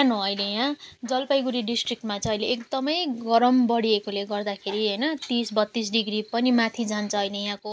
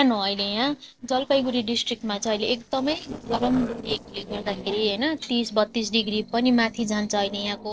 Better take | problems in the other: first | noise reduction (neural separator model SepFormer DNS4)

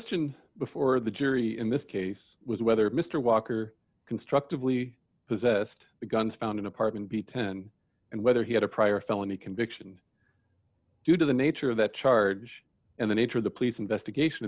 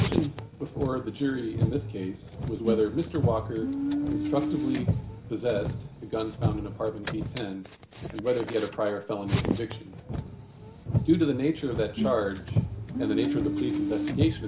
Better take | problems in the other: first | background sound (Car); 1 dB below the speech // room echo; dies away in 0.6 s

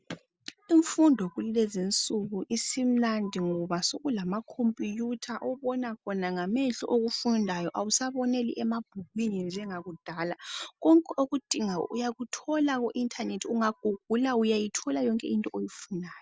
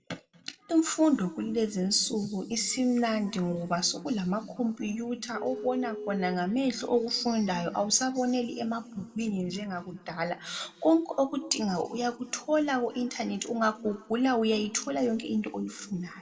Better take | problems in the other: first | background sound (Telephone); 9 dB below the speech // room echo; dies away in 1.4 s

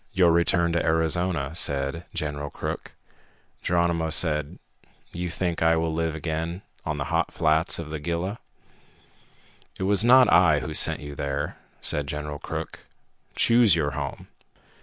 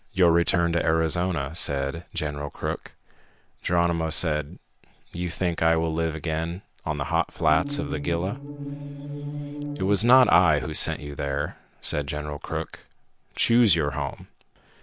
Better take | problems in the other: first | background sound (Musical instrument); 6 dB below the speech

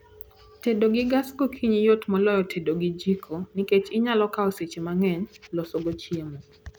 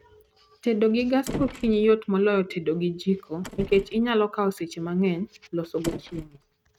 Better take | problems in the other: first | noise reduction (neural mask model RNNoise)

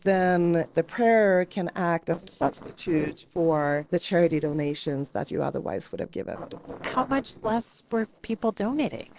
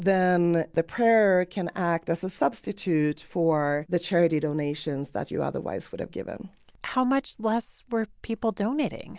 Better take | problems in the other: second | noise reduction (neural separator model SepFormer DNS4)

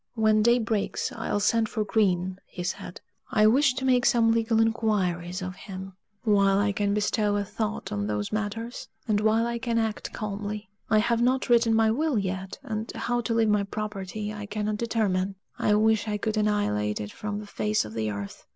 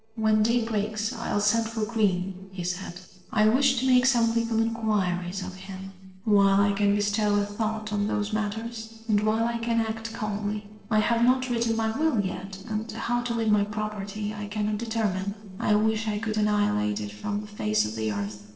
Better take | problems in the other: first | noise reduction (neural separator model SepFormer DNS4)

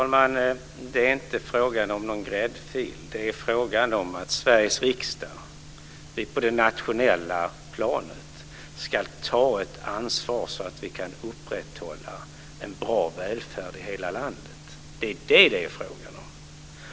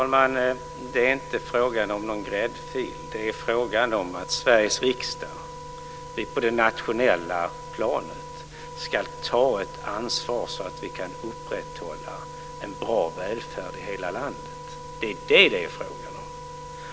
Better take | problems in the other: first | background sound (Wind instrument, woodwind instrument); 13 dB below the speech

